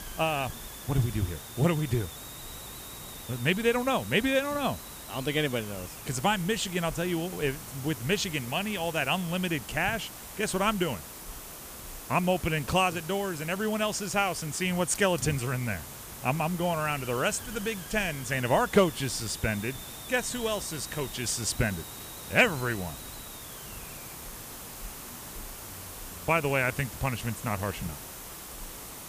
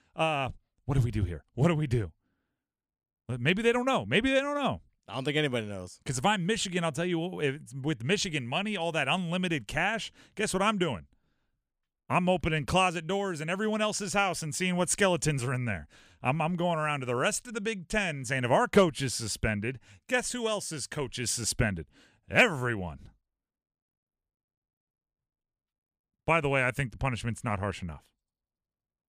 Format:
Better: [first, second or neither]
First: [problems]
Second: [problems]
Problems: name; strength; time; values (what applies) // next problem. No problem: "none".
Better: second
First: hiss; noticeable; throughout; 10 dB below the speech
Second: none